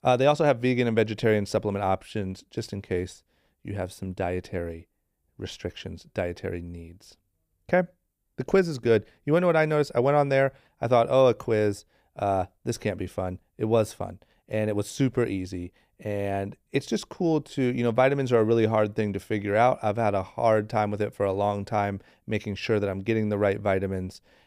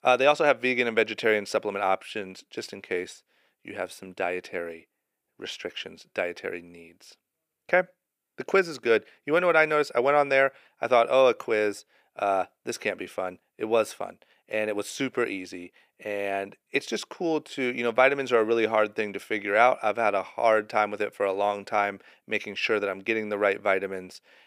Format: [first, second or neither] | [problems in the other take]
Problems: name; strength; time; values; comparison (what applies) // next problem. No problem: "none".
first | thin; somewhat; fading below 350 Hz